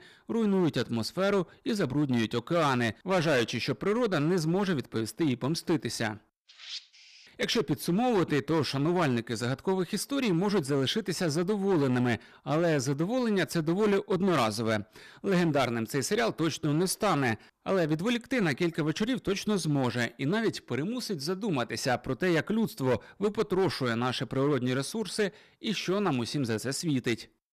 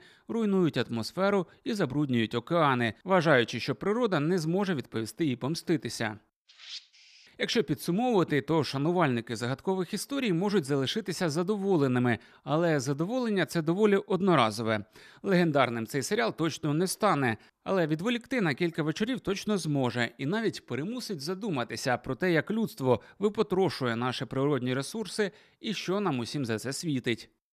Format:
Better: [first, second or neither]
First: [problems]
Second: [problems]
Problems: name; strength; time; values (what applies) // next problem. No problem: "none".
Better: second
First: distortion; slight; 8% of the sound clipped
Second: none